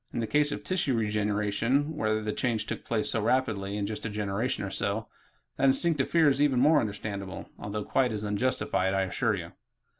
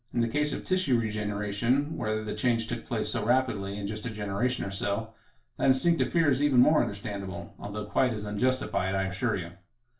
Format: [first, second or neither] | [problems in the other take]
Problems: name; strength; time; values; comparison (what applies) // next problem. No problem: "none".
first | room echo; dies away in 0.3 s